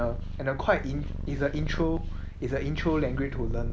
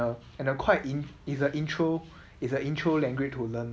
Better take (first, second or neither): second